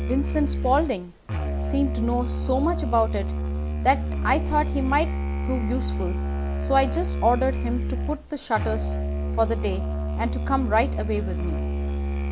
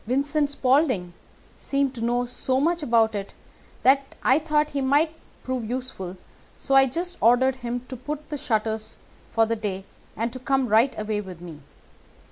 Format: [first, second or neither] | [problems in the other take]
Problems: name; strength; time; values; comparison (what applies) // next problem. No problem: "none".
second | background sound (Musical instrument); as loud as the speech